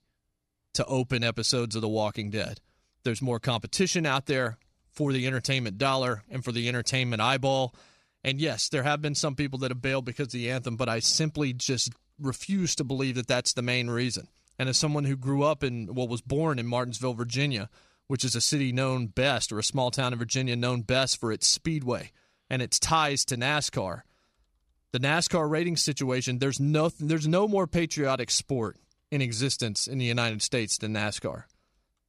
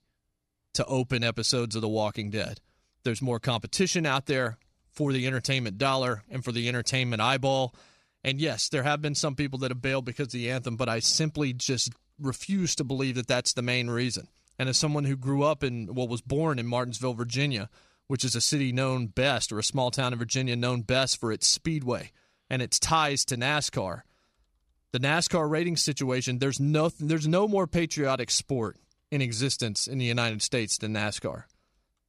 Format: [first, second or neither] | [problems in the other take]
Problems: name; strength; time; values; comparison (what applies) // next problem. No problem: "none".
neither | none